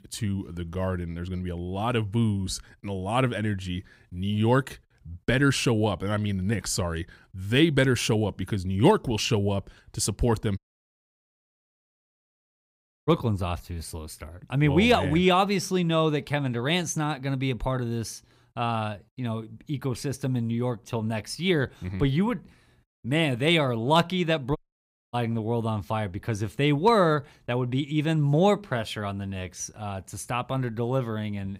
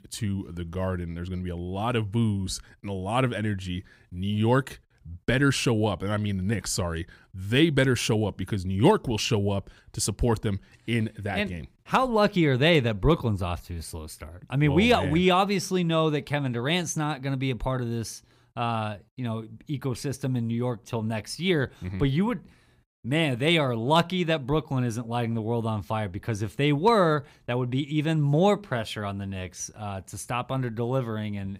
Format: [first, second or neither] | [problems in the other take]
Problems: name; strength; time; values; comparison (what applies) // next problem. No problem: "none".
second | audio cutting out; at 11 s for 2.5 s and at 25 s for 0.5 s